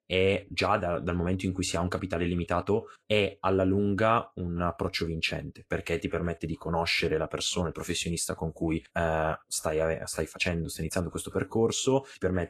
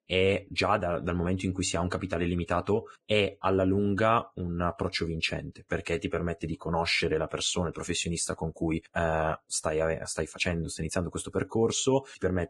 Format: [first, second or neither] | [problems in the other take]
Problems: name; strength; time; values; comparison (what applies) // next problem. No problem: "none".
first | garbled, watery; badly; slightly in the first